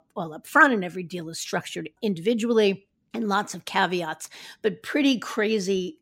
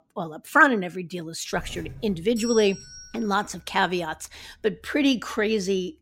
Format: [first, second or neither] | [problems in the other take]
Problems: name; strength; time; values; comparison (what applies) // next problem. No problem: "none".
first | doorbell; noticeable; from 1.5 to 5.5 s; peak 9 dB below the speech